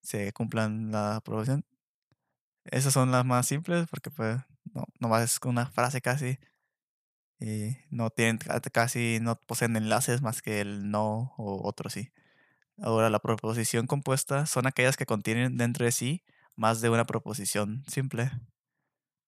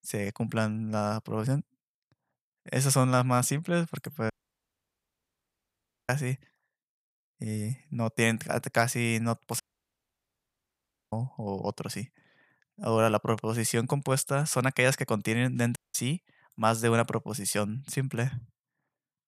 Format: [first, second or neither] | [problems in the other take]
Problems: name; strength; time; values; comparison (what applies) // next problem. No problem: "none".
first | audio cutting out; at 4.5 s for 2 s, at 9.5 s for 1.5 s and at 16 s